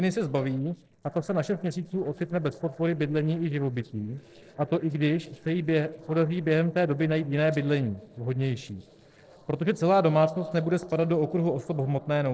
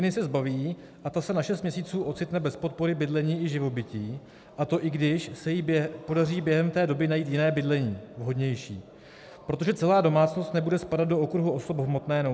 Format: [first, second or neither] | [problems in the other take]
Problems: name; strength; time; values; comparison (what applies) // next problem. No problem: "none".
second | noise reduction (neural separator model SepFormer DNS4)